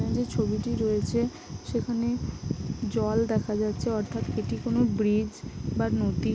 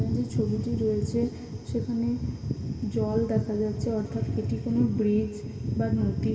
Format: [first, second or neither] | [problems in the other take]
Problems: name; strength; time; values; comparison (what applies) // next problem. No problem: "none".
first | room echo; dies away in 2 s